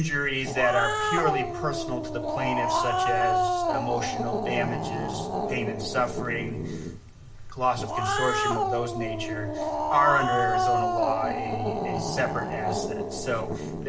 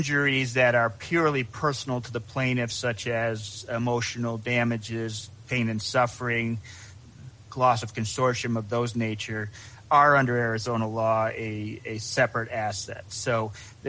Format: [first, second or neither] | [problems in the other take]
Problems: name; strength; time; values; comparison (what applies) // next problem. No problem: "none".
second | background sound (Growling); 2 dB above the speech // room echo; dies away in 0.6 s